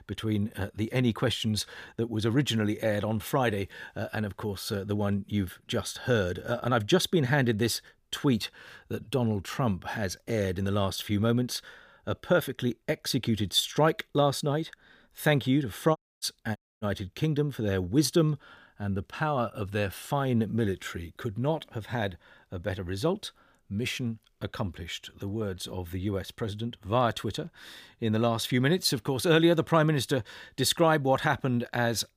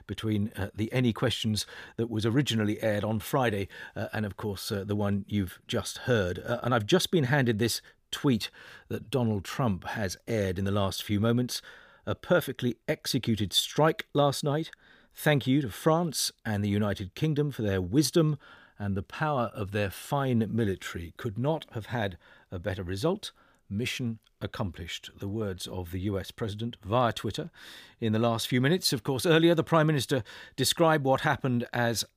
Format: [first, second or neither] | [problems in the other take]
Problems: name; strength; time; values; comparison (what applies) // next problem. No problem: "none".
second | audio cutting out; at 16 s and at 17 s